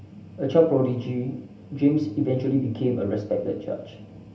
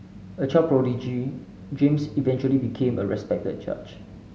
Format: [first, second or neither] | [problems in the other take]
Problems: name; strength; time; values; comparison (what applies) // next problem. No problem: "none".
second | room echo; dies away in 0.3 s